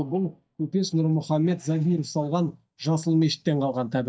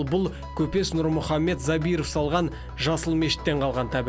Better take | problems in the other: second | noise reduction (neural mask model DeepFilterNet 3)

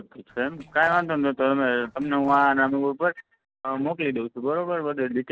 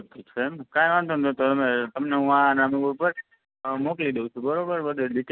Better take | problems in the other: second | noise reduction (neural separator model SepFormer DNS4)

